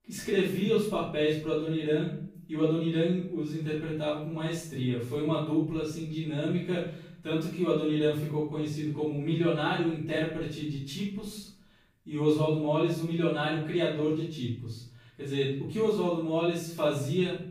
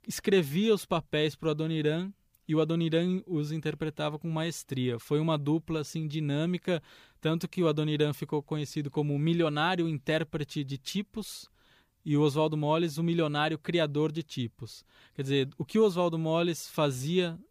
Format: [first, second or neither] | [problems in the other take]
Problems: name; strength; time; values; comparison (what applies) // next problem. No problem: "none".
second | off-mic speech; far // room echo; noticeable; dies away in 0.6 s